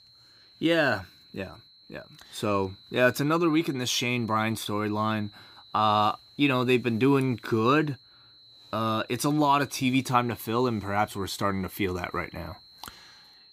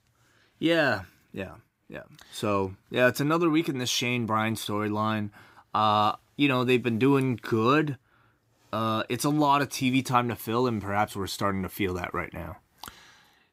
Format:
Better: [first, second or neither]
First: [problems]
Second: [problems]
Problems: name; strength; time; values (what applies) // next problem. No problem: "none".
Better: second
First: high-pitched whine; faint; throughout; 4 kHz, 25 dB below the speech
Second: none